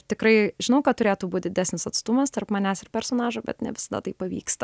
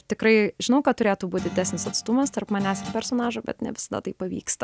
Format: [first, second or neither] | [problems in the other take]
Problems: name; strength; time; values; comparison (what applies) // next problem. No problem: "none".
first | background sound (Guitar); 13 dB below the speech